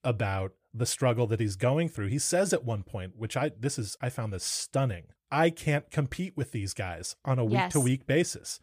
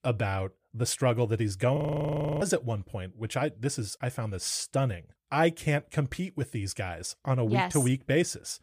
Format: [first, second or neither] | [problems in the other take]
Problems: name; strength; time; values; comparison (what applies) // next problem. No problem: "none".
first | audio freezing; at 2 s for 0.5 s